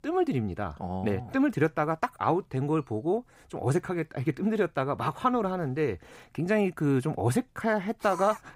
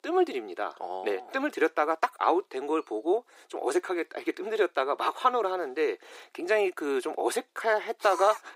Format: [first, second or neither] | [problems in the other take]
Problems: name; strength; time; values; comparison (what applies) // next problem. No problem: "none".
first | thin; very; fading below 350 Hz